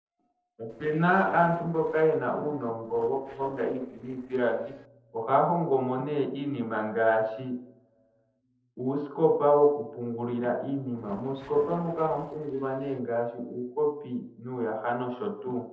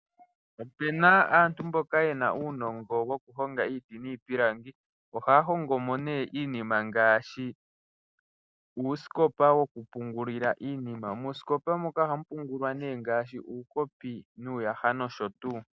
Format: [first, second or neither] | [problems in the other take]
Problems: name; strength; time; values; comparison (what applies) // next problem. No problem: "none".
second | noise reduction (neural separator model SepFormer DNS4)